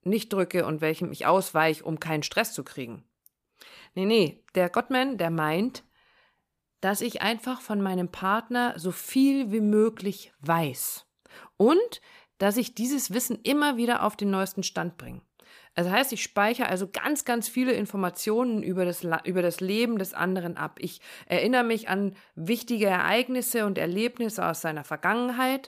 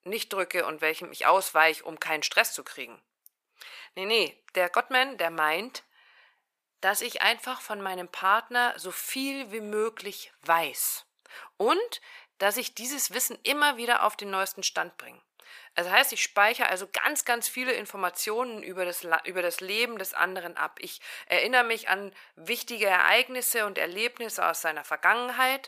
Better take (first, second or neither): first